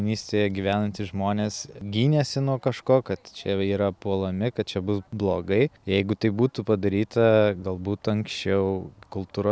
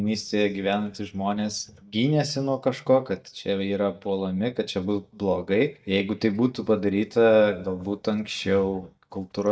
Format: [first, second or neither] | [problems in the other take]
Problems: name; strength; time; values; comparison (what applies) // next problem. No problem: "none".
first | noise reduction (neural mask model DeepFilterNet 3)